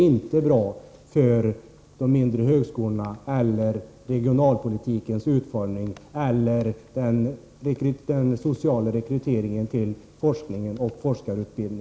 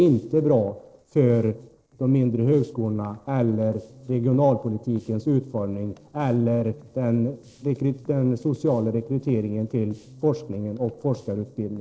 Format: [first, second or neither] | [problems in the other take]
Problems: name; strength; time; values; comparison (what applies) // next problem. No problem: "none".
first | noise reduction (neural separator model SepFormer DNS4)